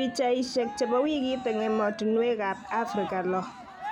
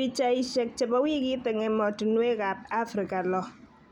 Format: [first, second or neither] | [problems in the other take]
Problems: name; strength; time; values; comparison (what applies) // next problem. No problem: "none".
second | background sound (Cheering); 12 dB below the speech